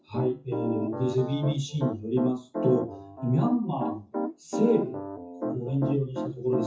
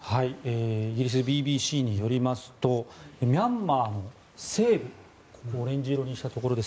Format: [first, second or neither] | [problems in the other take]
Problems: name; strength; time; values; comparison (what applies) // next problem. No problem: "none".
second | noise reduction (classical method WPE with log-MMSE)